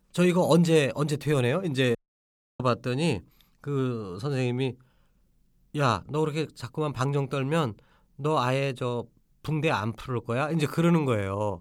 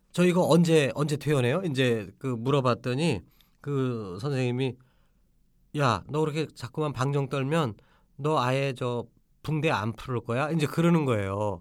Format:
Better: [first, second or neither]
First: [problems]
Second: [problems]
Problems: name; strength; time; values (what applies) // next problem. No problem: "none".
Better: second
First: audio cutting out; at 2 s for 0.5 s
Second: none